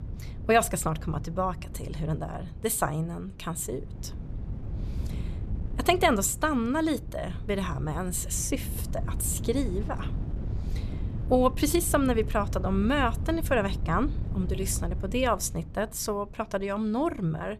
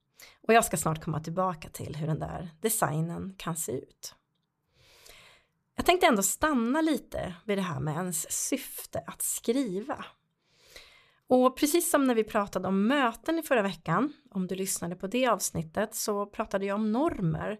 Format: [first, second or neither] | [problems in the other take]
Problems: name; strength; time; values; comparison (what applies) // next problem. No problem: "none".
second | wind noise on the microphone; occasional gusts; 20 dB below the speech